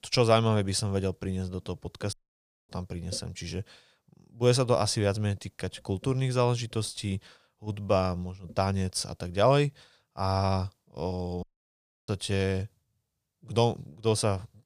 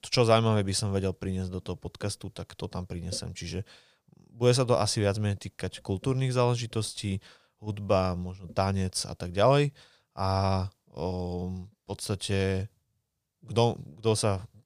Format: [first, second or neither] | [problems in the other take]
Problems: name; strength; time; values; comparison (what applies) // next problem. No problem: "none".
second | audio cutting out; at 2 s for 0.5 s and at 11 s for 0.5 s